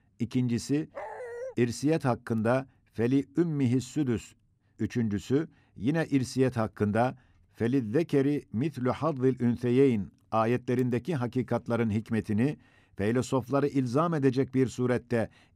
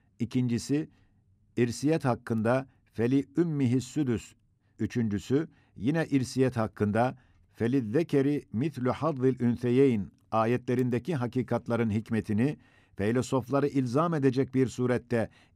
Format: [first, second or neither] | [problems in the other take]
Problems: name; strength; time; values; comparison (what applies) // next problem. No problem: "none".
second | dog barking; faint; at 1 s; peak 10 dB below the speech